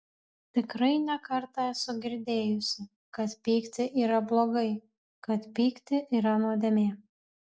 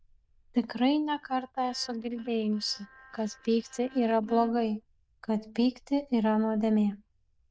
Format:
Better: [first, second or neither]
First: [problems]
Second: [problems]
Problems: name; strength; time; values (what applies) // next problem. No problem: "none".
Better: first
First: none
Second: noise reduction (neural diffusion model UNIVERSE++)